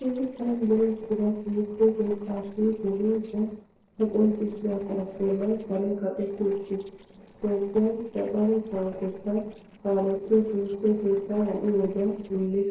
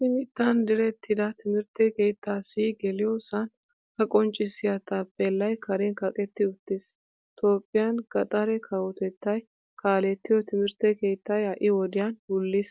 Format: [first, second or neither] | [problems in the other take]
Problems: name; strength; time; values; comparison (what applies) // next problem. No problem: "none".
second | noise reduction (neural separator model SepFormer DNS4)